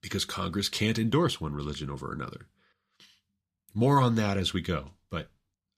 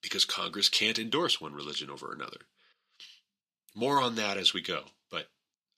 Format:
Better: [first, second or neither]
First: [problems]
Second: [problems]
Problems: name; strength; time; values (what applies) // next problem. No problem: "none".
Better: first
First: none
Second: thin; somewhat; fading below 350 Hz